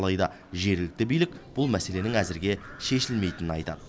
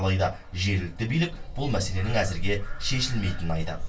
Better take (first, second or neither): first